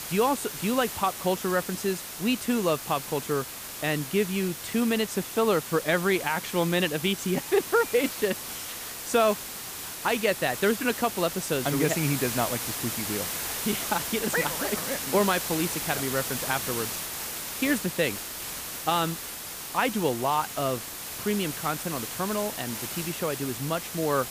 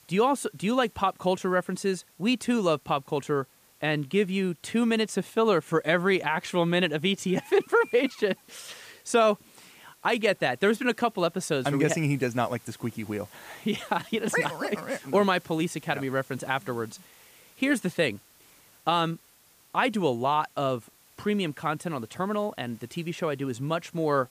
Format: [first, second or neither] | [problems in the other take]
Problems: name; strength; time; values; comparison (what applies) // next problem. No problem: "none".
second | hiss; loud; throughout; 5 dB below the speech; faint in the second